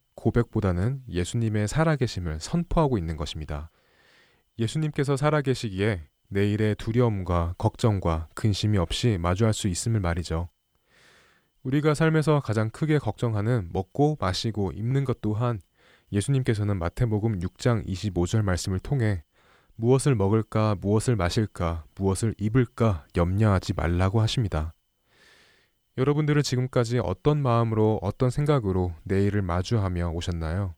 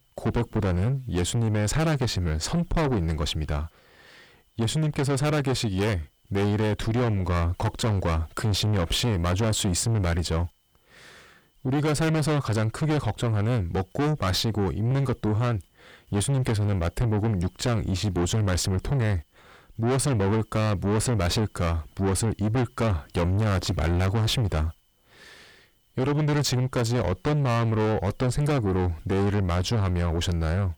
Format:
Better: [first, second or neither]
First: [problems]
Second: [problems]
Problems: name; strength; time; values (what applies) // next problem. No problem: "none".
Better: first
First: none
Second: distortion; heavy; 6 dB below the speech